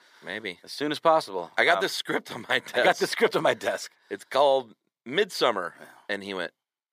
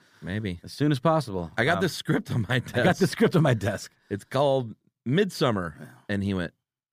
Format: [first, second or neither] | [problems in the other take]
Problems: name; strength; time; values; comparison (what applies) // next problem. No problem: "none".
second | thin; very; fading below 500 Hz